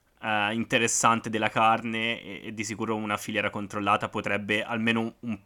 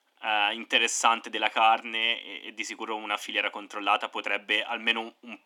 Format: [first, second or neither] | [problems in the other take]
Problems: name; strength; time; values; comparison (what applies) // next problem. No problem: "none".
first | thin; somewhat; fading below 250 Hz